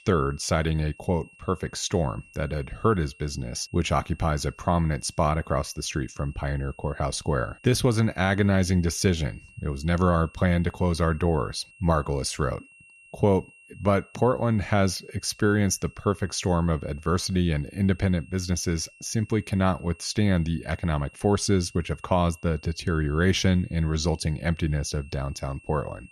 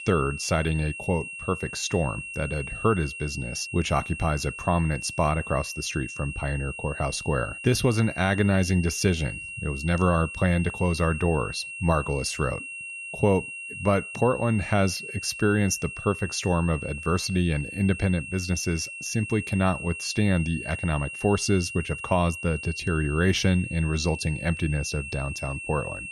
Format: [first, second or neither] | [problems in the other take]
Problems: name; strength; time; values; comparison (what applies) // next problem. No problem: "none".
first | high-pitched whine; loud; throughout; 2.5 kHz, 9 dB below the speech; faint in the first